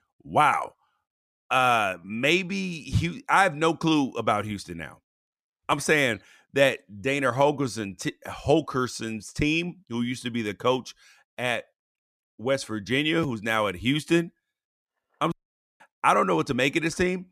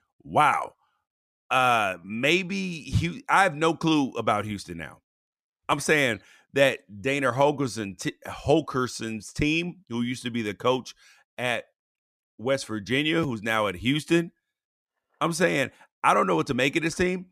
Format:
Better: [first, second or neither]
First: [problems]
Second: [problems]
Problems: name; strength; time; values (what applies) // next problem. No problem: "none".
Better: second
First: audio cutting out; at 15 s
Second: none